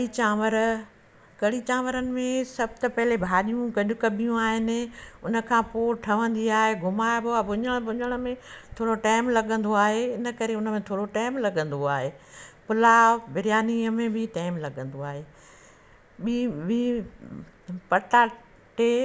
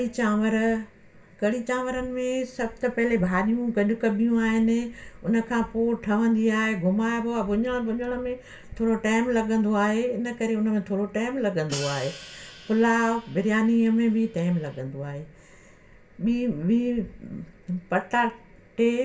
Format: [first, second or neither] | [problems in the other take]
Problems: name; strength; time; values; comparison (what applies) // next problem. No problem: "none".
first | background sound (Hi-hat); 17 dB below the speech // room echo; dies away in 0.2 s